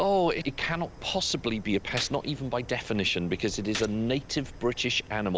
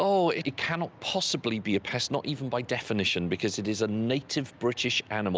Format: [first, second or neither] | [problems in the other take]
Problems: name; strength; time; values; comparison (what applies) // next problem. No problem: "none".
second | background sound (Fire + Gunshot, gunfire); 14 dB below the speech